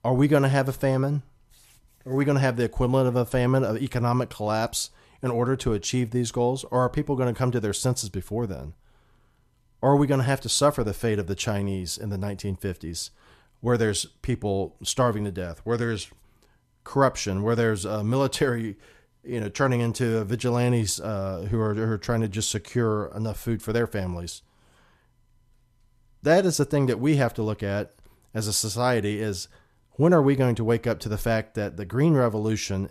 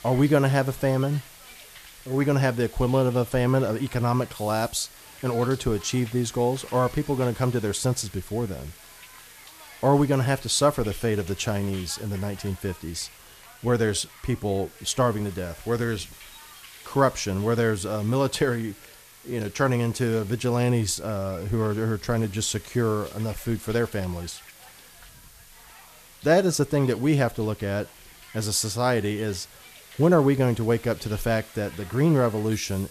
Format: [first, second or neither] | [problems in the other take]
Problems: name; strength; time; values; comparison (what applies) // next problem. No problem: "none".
first | hiss; noticeable; throughout; 20 dB below the speech